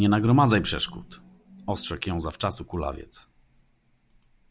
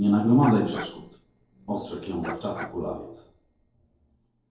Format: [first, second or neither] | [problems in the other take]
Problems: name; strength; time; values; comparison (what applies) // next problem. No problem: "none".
first | noise reduction (neural separator model SepFormer DNS4)